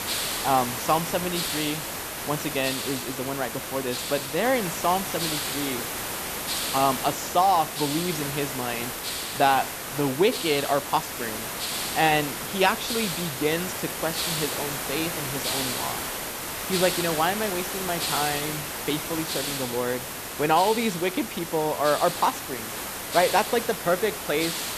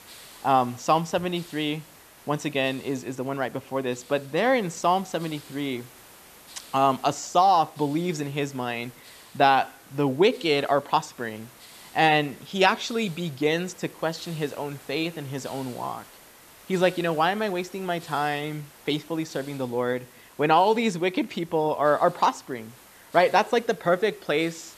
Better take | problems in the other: second | hiss; loud; throughout; 3 dB below the speech; faint in the second

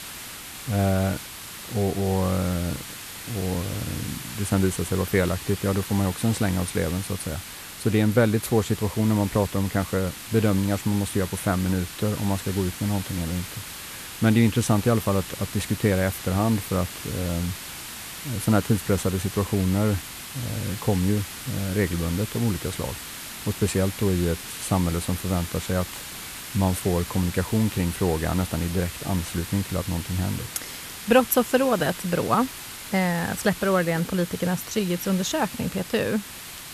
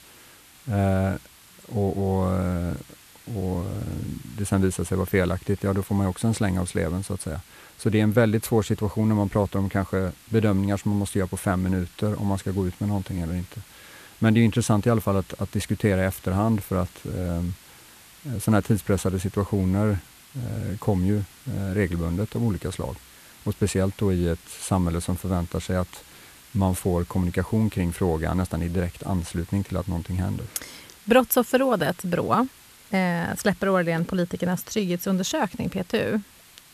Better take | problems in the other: second | hiss; loud; throughout; 10 dB below the speech; faint in the second

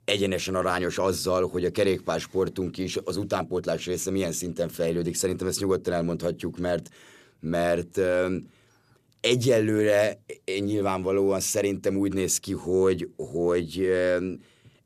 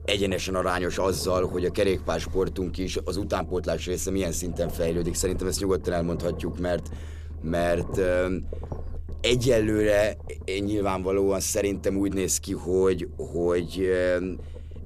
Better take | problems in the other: first | low rumble; noticeable; throughout; 20 dB below the speech

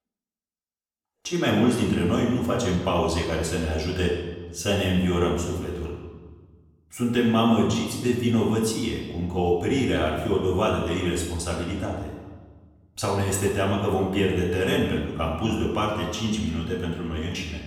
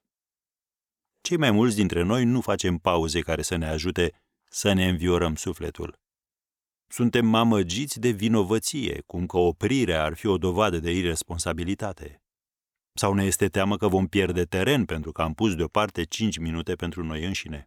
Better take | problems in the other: second | off-mic speech; far // room echo; noticeable; dies away in 1.2 s

